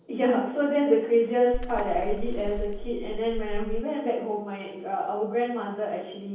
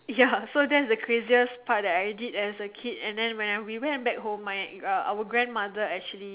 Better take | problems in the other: second | background sound (Water / Splash, splatter); 3 dB below the speech // room echo; dies away in 0.9 s

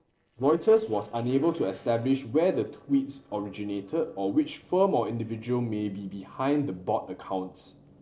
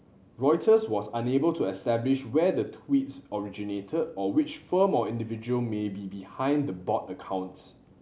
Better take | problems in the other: second | noise reduction (neural separator model SepFormer DNS4)

